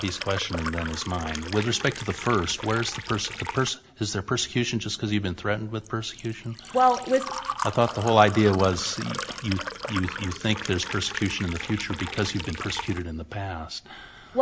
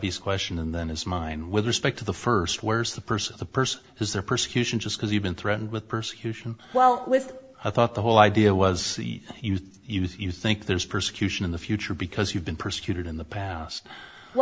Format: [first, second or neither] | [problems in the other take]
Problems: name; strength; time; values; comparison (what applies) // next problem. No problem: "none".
second | background sound (Liquid); 10 dB below the speech